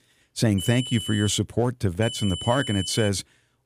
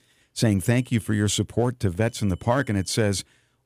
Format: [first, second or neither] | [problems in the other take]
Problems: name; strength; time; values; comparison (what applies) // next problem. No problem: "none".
second | high-pitched whine; loud; at 0.5 s and from 2 to 3 s; 3 kHz, 8 dB below the speech; faint in the second